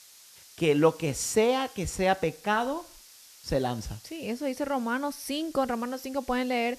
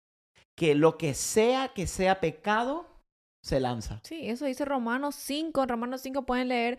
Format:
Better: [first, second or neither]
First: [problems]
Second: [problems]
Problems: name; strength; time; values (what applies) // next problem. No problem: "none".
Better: second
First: hiss; faint; throughout; 20 dB below the speech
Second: none